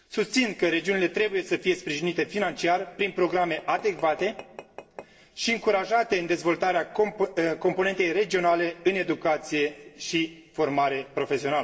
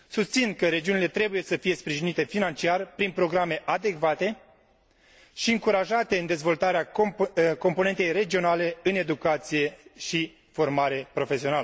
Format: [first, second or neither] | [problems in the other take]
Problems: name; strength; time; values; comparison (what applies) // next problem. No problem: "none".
second | noise reduction (neural separator model SepFormer DNS4)